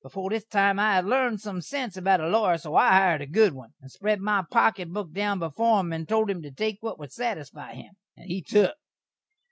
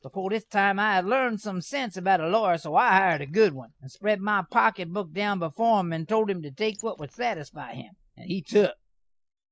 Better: first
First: none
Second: noise reduction (neural mask model Resemble Enhance denoiser)

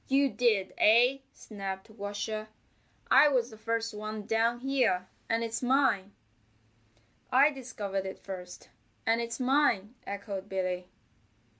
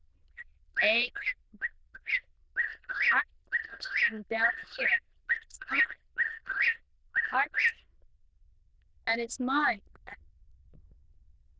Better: first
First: none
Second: noise reduction (neural diffusion model UNIVERSE++)

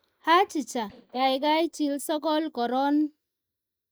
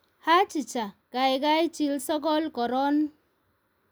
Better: second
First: noise reduction (neural mask model DeepFilterNet 3)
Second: none

